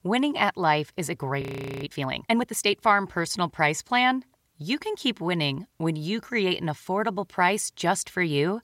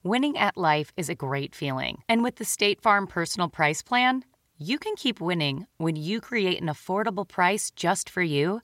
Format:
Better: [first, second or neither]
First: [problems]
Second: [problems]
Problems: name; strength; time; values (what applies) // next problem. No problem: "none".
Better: second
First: audio freezing; at 1.5 s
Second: none